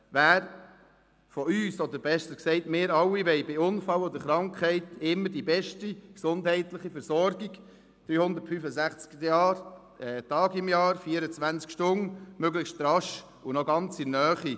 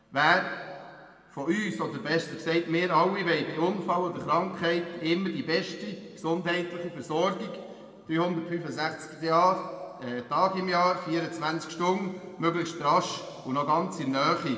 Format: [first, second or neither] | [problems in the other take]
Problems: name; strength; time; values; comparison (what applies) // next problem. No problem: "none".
first | room echo; dies away in 1.6 s